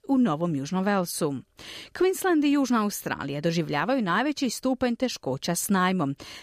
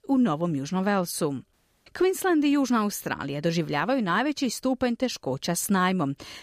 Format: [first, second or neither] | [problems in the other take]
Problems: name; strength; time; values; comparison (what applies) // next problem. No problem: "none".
first | audio cutting out; at 1.5 s